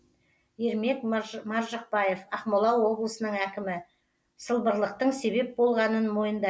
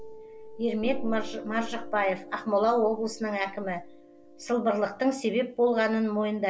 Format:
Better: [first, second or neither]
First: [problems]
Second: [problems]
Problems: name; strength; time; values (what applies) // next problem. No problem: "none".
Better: first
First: none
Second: background sound (Piano); 12 dB below the speech